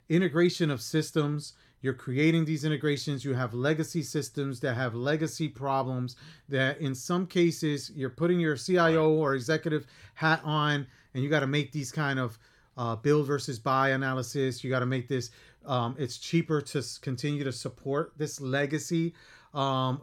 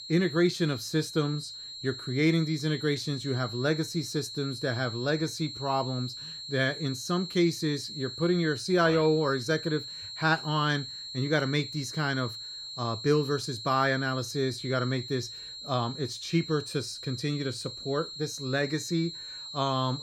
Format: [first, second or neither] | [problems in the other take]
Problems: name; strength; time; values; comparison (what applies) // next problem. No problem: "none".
first | high-pitched whine; loud; throughout; 4 kHz, 9 dB below the speech